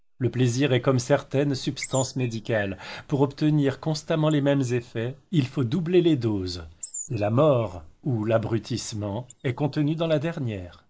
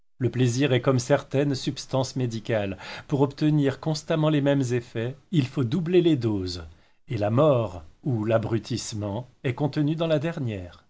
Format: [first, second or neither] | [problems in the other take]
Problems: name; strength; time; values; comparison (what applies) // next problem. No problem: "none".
second | noise reduction (neural mask model Resemble Enhance denoiser)